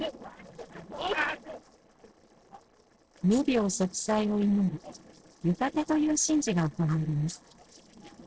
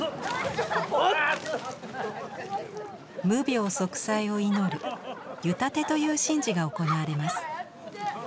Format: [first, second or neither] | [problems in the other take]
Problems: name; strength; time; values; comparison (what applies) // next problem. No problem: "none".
second | noise reduction (neural separator model SepFormer DNS4)